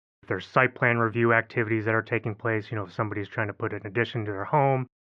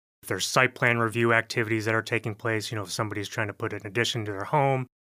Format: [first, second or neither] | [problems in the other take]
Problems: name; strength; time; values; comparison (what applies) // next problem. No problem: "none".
second | muffled; very; fading above 2 kHz